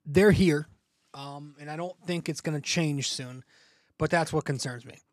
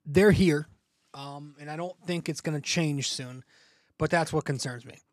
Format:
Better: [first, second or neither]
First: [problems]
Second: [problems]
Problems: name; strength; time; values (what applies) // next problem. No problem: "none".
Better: neither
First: none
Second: none